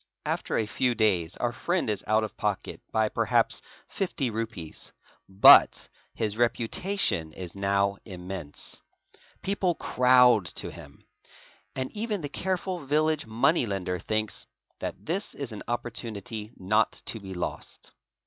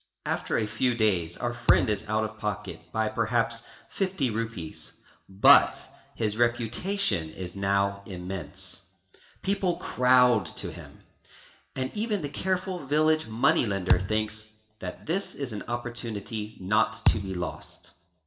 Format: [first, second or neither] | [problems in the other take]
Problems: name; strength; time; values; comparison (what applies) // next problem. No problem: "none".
first | background sound (Thump, thud); 1 dB above the speech // room echo; dies away in 0.6 s